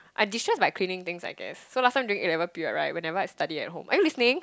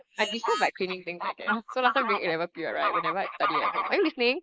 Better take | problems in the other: first | noise reduction (neural mask model Resemble Enhance denoiser)

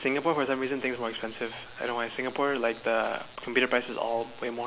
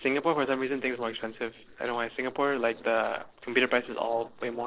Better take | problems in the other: first | noise reduction (neural separator model SepFormer DNS4)

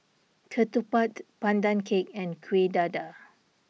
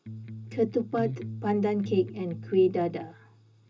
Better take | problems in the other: first | background sound (Electric guitar); 11 dB below the speech // room echo; dies away in 0.2 s

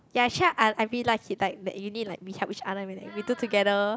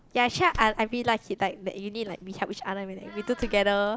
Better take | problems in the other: first | background sound (Door); 17 dB below the speech

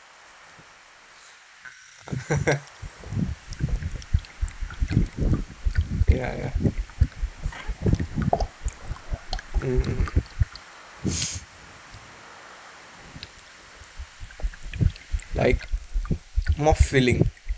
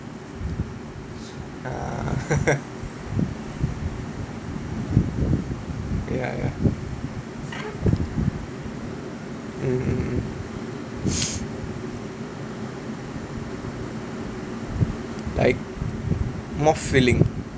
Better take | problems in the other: second | noise reduction (neural mask model Resemble Enhance denoiser)

